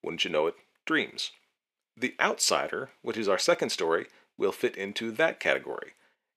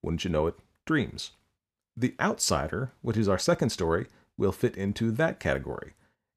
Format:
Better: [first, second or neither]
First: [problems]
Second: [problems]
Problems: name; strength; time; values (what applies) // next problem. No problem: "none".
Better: second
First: thin; somewhat; fading below 400 Hz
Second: none